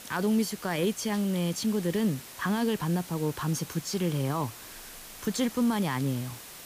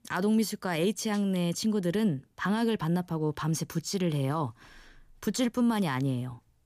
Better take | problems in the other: second | hiss; noticeable; throughout; 15 dB below the speech

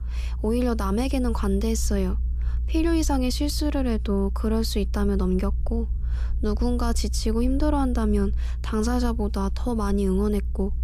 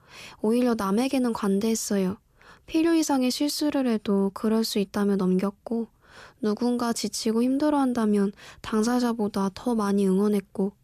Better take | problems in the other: second | low rumble; faint; throughout; 20 dB below the speech

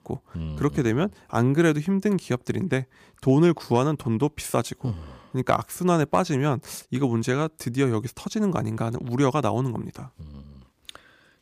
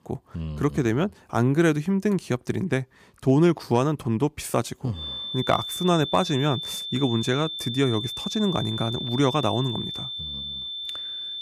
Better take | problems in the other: first | high-pitched whine; loud; from 5 s on; 3.5 kHz, 6 dB below the speech

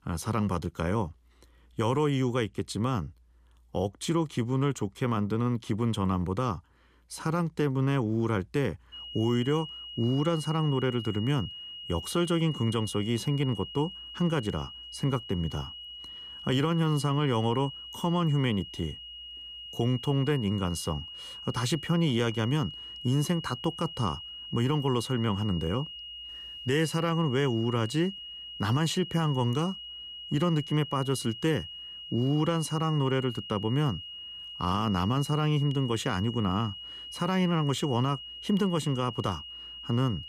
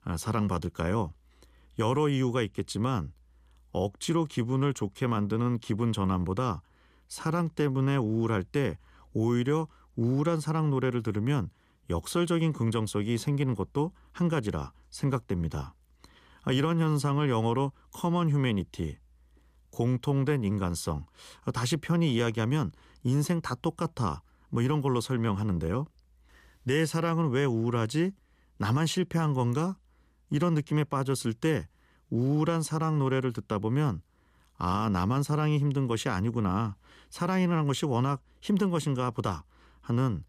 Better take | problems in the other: second | high-pitched whine; noticeable; from 9 s on; 3 kHz, 10 dB below the speech

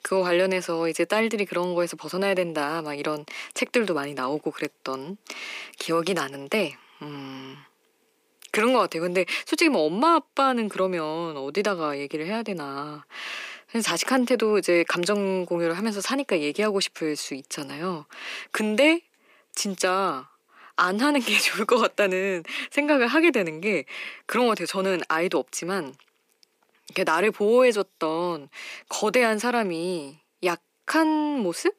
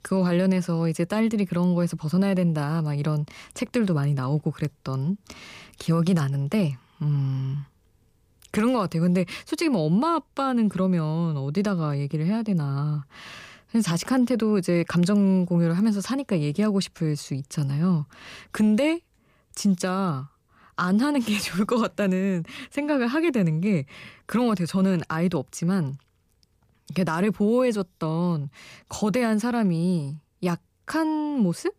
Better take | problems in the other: second | thin; somewhat; fading below 300 Hz

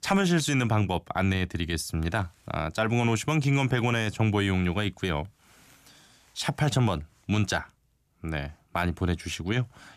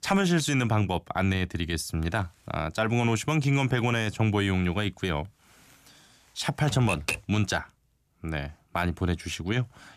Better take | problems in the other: first | keyboard typing; noticeable; at 6.5 s; peak 2 dB below the speech

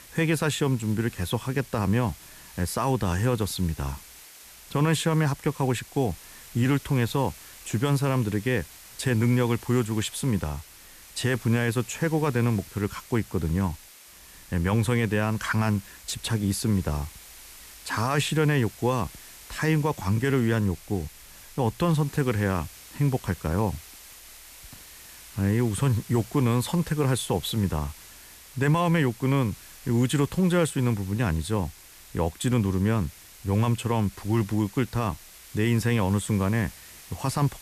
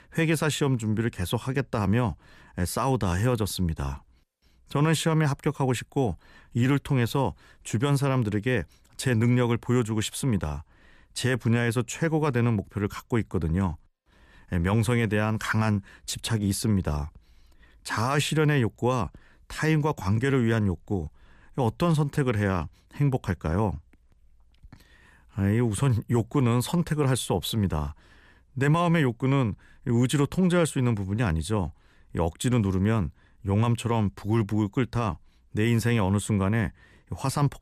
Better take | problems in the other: second | hiss; noticeable; throughout; 20 dB below the speech

